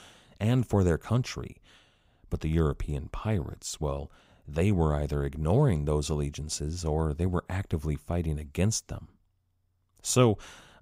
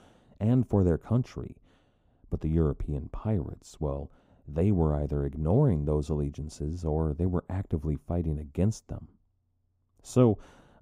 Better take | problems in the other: first | muffled; slightly; fading above 1.5 kHz

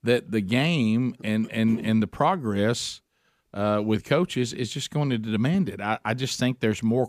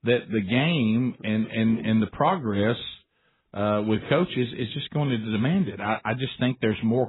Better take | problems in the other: first | garbled, watery; badly; nothing above 4 kHz

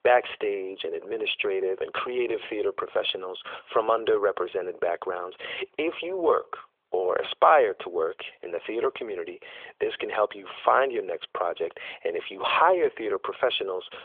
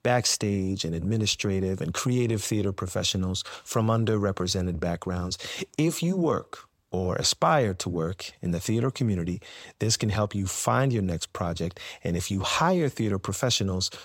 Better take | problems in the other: second | phone-call audio; nothing above 3.5 kHz

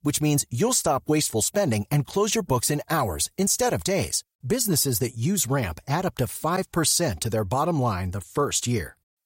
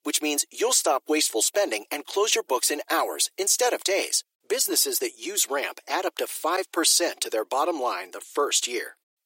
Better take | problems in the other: first | thin; very; fading below 300 Hz

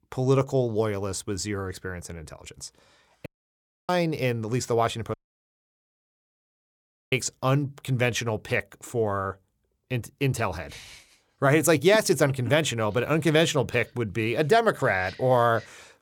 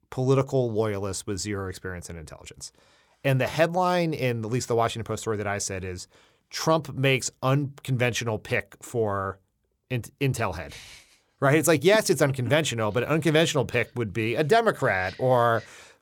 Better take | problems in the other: second | audio cutting out; at 3.5 s for 0.5 s and at 5 s for 2 s

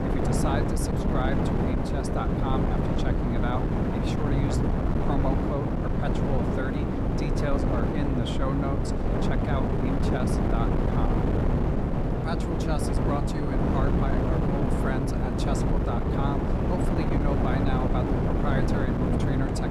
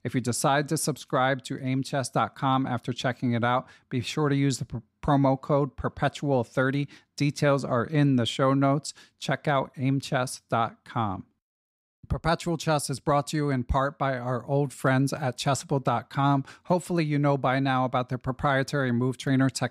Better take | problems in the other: second | wind noise on the microphone; heavy; 3 dB above the speech

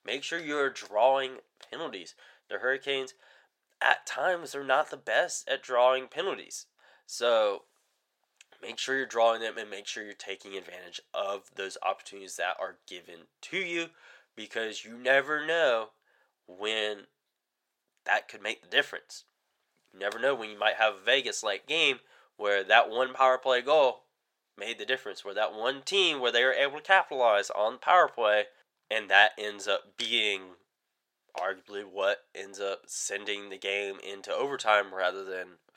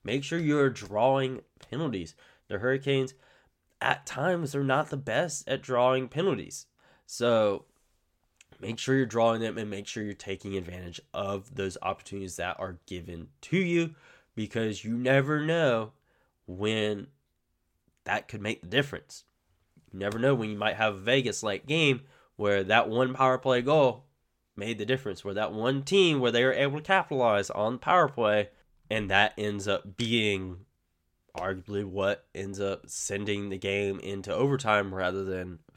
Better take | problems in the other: second | thin; very; fading below 600 Hz

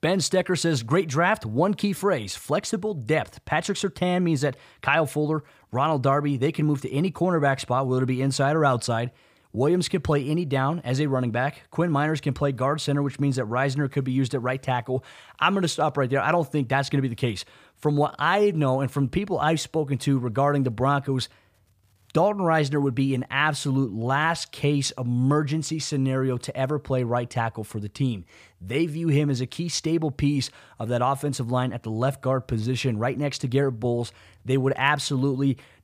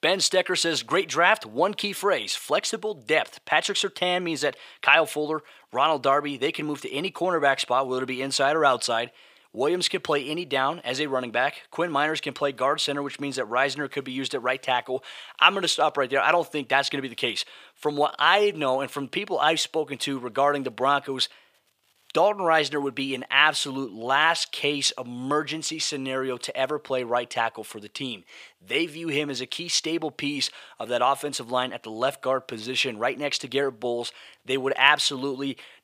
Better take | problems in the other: first | thin; somewhat; fading below 400 Hz

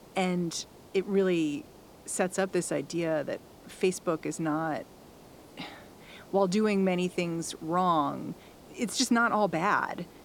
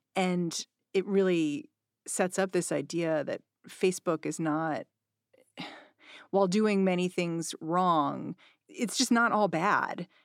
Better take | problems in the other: second | hiss; faint; throughout; 25 dB below the speech

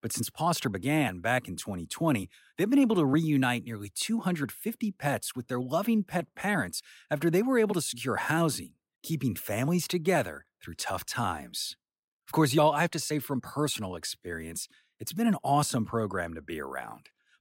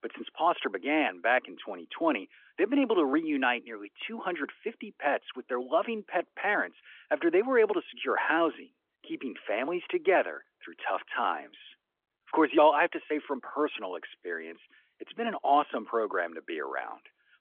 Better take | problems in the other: first | phone-call audio; nothing above 3.5 kHz

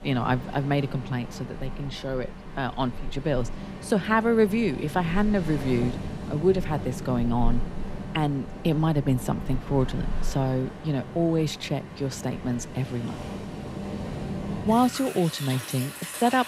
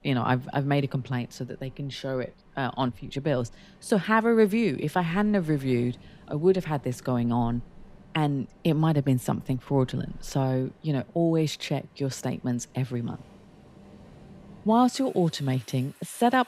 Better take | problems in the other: second | rain or running water; loud; throughout; 10 dB below the speech; faint in the second

